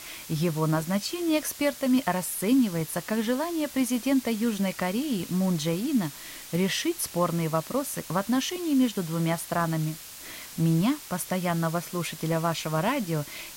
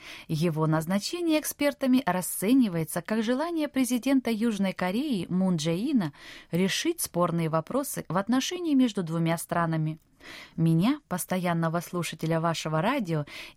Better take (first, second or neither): second